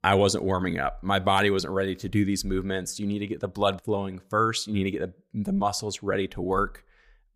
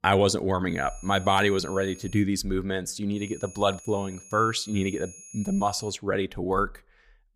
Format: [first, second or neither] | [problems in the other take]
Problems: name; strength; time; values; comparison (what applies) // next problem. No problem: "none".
first | high-pitched whine; noticeable; from 0.5 to 2 s and from 3 to 6 s; 6.5 kHz, 20 dB below the speech